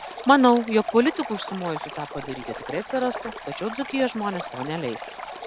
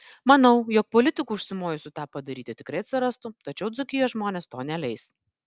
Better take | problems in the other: second | background sound (Stream); 11 dB below the speech

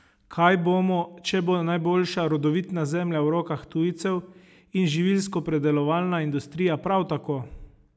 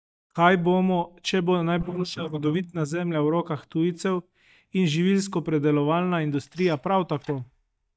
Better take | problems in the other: first | noise reduction (neural mask model DeepFilterNet 3)

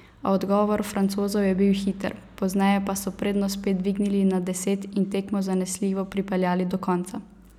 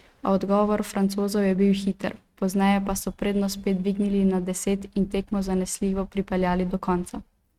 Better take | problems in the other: first | noise reduction (neural mask model RNNoise)

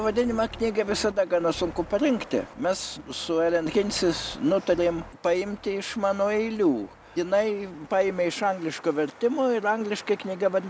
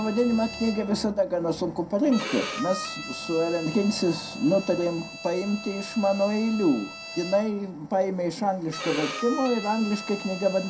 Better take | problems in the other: first | background sound (Bowed string instrument); 12 dB below the speech // room echo; dies away in 0.2 s

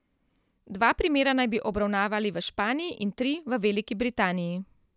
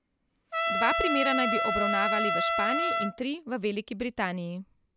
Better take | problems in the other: first | background sound (Trumpet); 3 dB above the speech

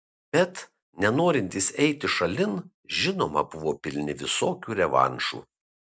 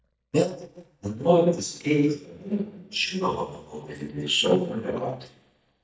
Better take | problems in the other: first | noise reduction (neural mask model DeepFilterNet 3)

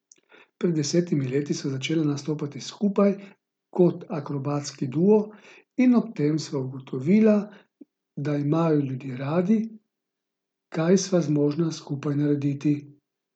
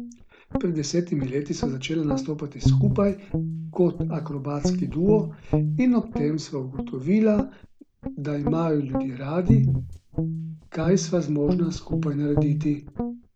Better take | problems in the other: first | background sound (Guitar); 2 dB below the speech

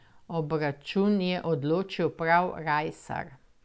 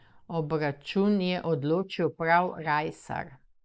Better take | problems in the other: first | noise reduction (neural mask model Resemble Enhance denoiser)

